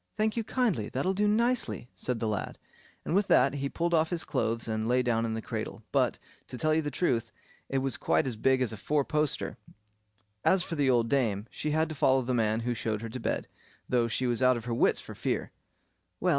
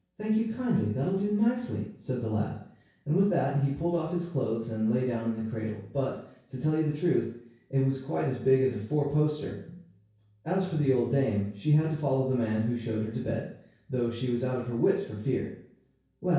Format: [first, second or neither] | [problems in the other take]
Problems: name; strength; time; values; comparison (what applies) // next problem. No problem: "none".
first | room echo; dies away in 0.6 s